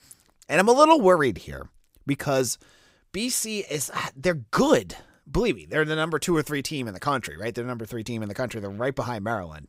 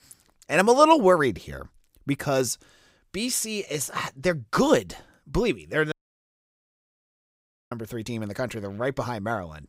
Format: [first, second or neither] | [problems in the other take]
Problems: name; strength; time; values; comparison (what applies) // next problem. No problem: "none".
first | audio cutting out; at 6 s for 2 s